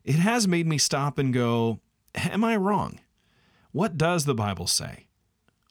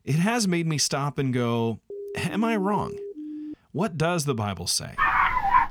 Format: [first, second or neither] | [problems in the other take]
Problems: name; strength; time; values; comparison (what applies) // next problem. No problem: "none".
first | siren; faint; from 2 to 3.5 s; peak 10 dB below the speech // dog barking; loud; at 5 s; peak 5 dB above the speech